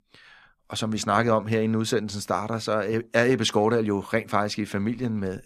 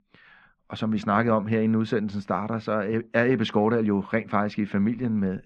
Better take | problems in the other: first | muffled; slightly; fading above 2.5 kHz

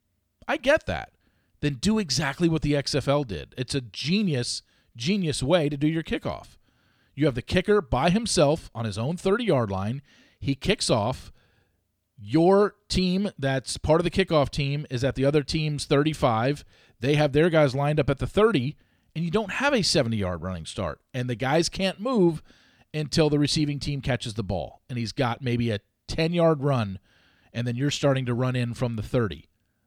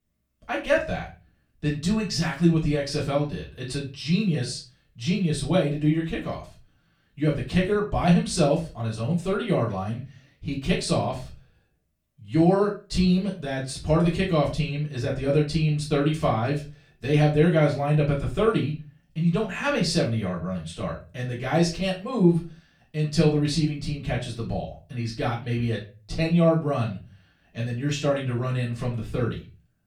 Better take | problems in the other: first | off-mic speech; far // room echo; slight; dies away in 0.3 s

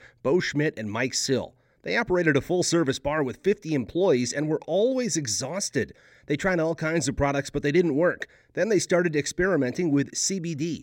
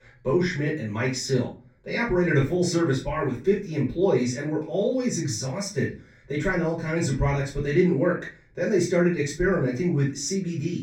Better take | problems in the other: first | room echo; slight; dies away in 0.3 s // off-mic speech; far

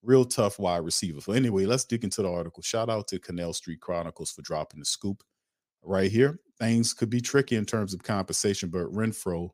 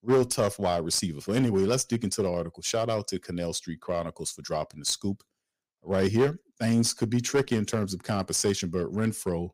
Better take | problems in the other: first | distortion; slight; 3% of the sound clipped

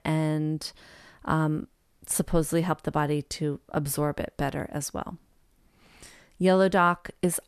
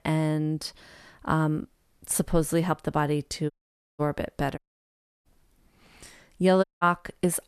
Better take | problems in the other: first | audio cutting out; at 3.5 s, at 4.5 s for 0.5 s and at 6.5 s

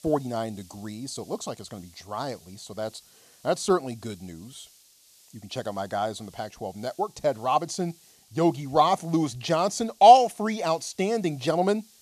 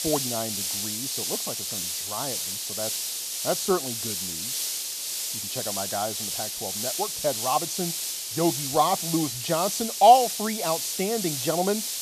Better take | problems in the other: first | hiss; loud; throughout; 2 dB below the speech; faint in the first

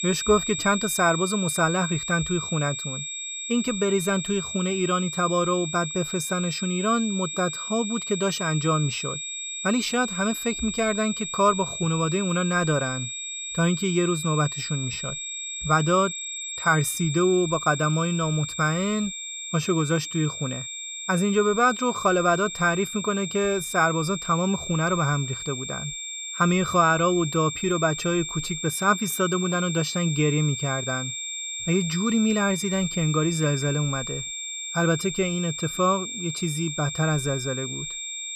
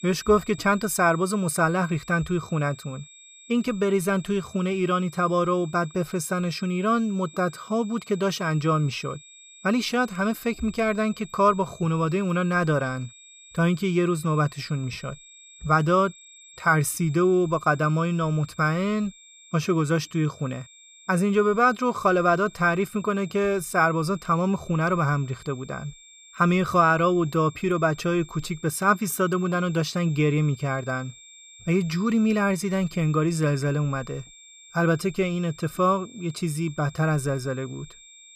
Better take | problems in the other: second | high-pitched whine; loud; throughout; 3.5 kHz, 6 dB below the speech; faint in the second

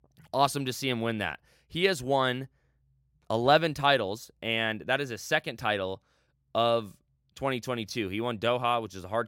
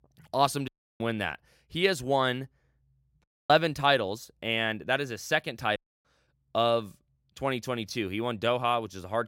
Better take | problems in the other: first | audio cutting out; at 0.5 s, at 3 s and at 6 s

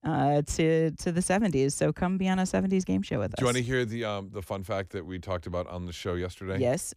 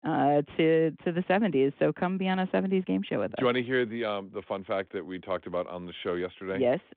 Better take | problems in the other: first | phone-call audio

